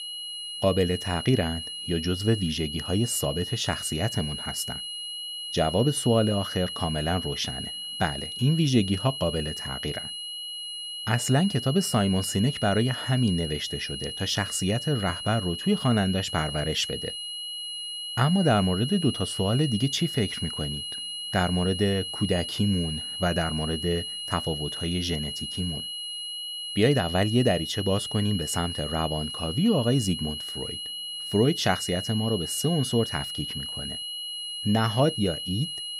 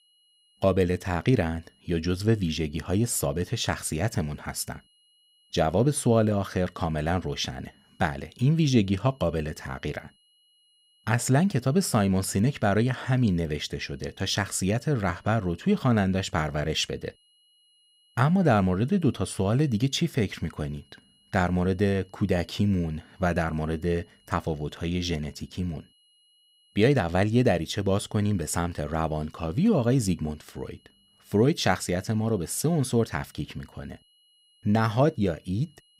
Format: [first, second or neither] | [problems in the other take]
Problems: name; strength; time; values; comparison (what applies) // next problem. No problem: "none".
second | high-pitched whine; loud; throughout; 3 kHz, 6 dB below the speech; faint in the second